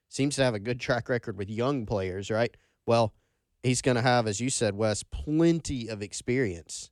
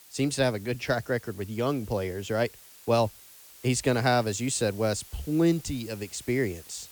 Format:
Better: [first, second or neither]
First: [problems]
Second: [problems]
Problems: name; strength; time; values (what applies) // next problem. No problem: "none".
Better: first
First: none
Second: hiss; noticeable; throughout; 20 dB below the speech